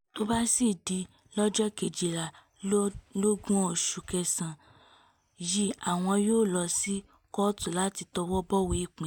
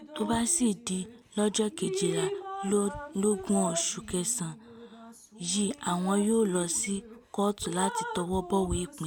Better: first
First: none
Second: background sound (Drip); 9 dB below the speech

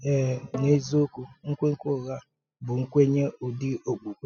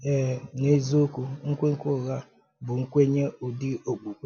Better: second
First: noise reduction (classical method spectral subtraction)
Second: none

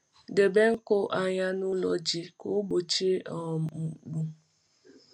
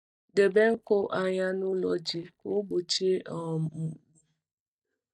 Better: first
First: none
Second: noise reduction (neural mask model DeepFilterNet 3)

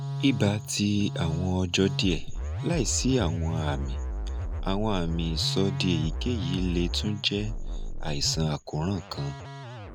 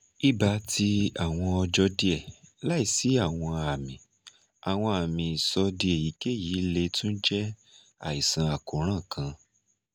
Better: second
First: background sound (Musical instrument); 4 dB below the speech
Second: none

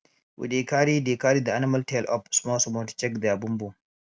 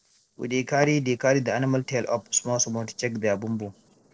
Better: first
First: none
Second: noise reduction (neural separator model SepFormer DNS4)

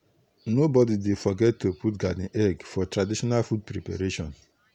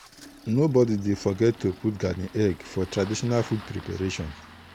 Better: first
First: none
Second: background sound (Engine starting); 19 dB below the speech

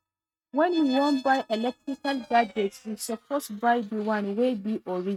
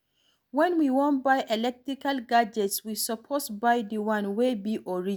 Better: second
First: noise reduction (neural mask model RNNoise)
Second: none

